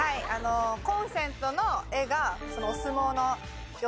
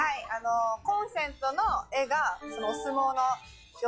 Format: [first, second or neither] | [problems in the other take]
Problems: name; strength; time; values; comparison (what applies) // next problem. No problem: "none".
first | noise reduction (classical method log-MMSE)